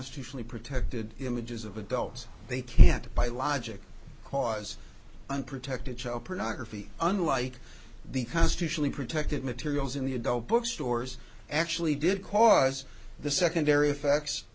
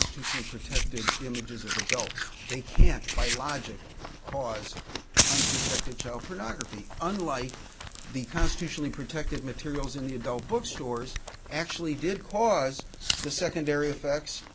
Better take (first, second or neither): first